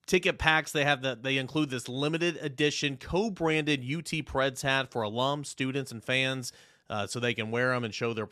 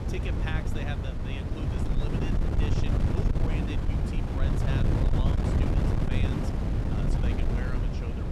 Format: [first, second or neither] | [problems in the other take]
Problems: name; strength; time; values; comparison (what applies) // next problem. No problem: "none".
first | wind noise on the microphone; heavy; 5 dB above the speech